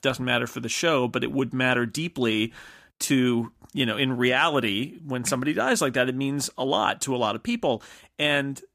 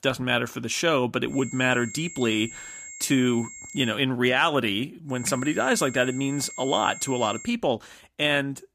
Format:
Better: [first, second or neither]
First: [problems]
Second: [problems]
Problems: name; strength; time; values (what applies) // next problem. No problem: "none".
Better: first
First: none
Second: high-pitched whine; noticeable; from 1.5 to 4 s and from 5 to 7.5 s; 7.5 kHz, 15 dB below the speech